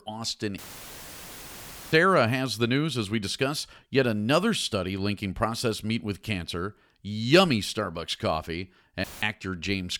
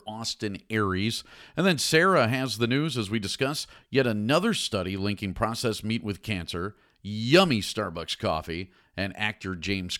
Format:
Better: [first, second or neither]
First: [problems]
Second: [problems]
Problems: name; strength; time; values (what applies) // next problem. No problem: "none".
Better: second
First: audio cutting out; filled with static; at 0.5 s for 1.5 s and at 9 s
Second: none